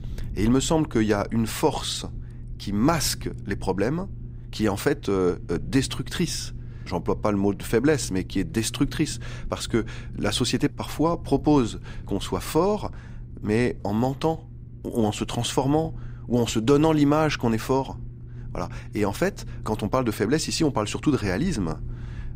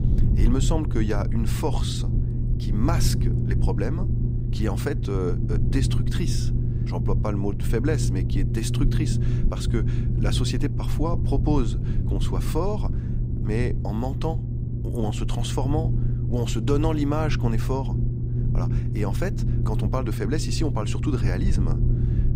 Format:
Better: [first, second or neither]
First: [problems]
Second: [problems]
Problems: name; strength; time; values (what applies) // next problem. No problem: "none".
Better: first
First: low rumble; faint; throughout; 25 dB below the speech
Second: low rumble; loud; throughout; 6 dB below the speech